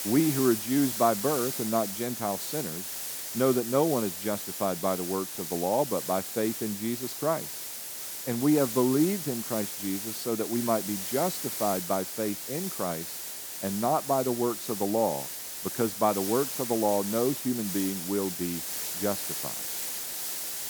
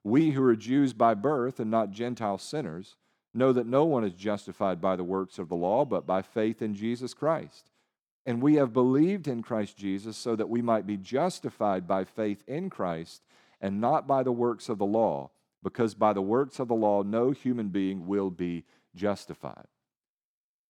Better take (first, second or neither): second